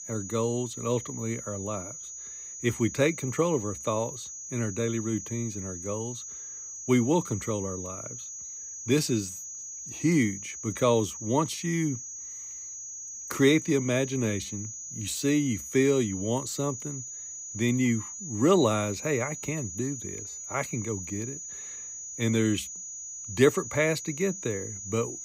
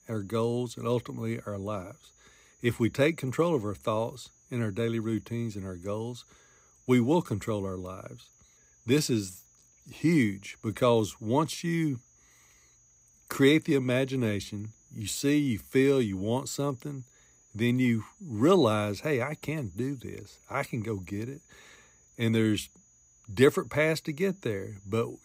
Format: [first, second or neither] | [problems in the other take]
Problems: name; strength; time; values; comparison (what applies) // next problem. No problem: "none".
second | high-pitched whine; loud; throughout; 6.5 kHz, 9 dB below the speech; faint in the second